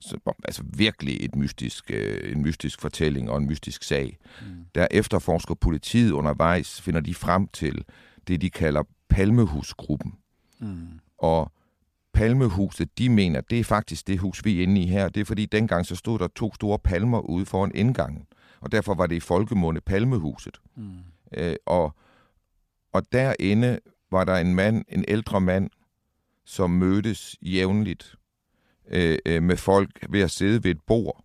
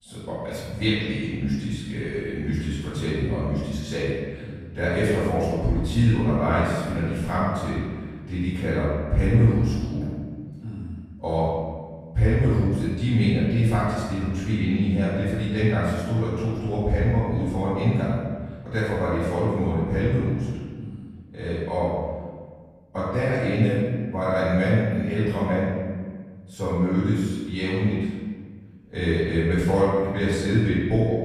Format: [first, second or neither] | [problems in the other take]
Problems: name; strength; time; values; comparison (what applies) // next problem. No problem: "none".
first | off-mic speech; far // room echo; strong; dies away in 1.5 s